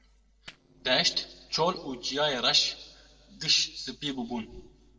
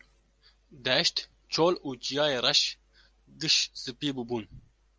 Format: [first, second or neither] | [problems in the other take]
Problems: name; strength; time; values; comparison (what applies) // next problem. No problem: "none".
second | noise reduction (neural separator model SepFormer DNS4)